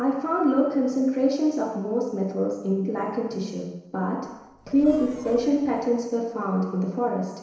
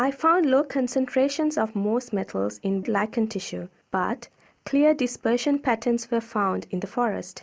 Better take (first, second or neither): second